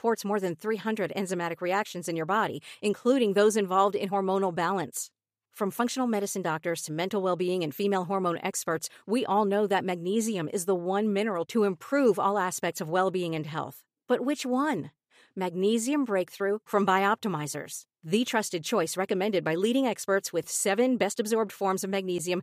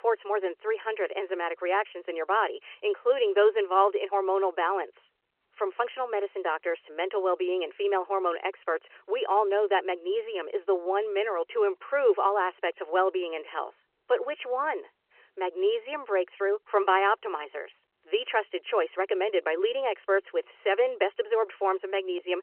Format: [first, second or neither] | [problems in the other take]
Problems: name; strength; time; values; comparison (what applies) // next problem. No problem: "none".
first | phone-call audio